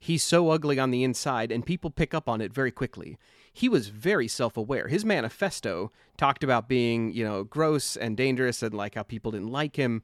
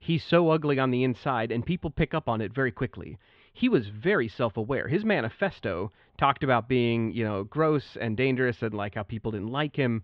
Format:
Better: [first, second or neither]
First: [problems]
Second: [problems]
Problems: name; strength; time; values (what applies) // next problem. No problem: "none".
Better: first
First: none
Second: muffled; very; fading above 3.5 kHz